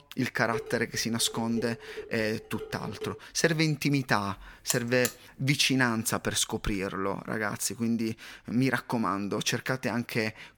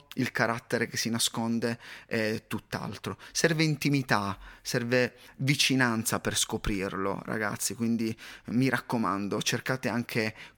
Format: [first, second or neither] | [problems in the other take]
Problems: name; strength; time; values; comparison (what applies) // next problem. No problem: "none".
second | clattering dishes; noticeable; from 0.5 to 3 s; peak 9 dB below the speech // alarm; noticeable; at 4.5 s; peak 2 dB below the speech